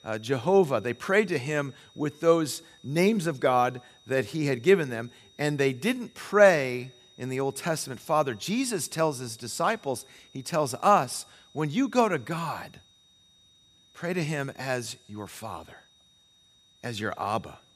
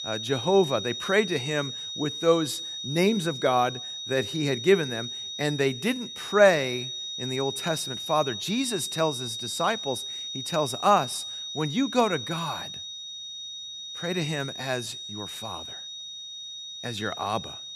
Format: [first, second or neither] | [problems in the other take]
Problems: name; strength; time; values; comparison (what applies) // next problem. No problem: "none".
first | high-pitched whine; loud; throughout; 3.5 kHz, 7 dB below the speech; faint in the first